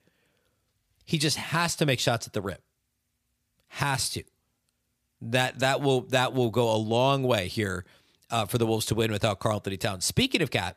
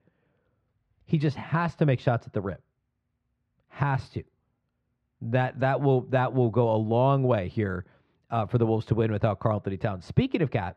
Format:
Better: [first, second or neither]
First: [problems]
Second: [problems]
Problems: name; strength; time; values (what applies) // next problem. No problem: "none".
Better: first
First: none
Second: muffled; very; fading above 1.5 kHz